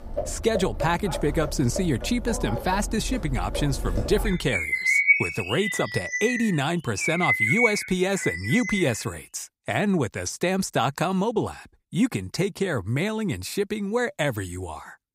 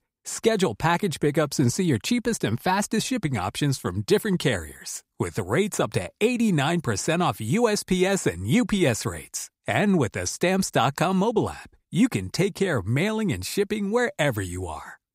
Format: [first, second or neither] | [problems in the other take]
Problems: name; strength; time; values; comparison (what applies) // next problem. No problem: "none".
second | animal sounds; loud; until 8.5 s; as loud as the speech